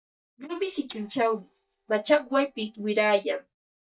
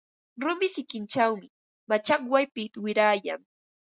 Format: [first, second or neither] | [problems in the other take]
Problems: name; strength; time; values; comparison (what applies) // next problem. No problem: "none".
second | noise reduction (neural mask model DeepFilterNet 3)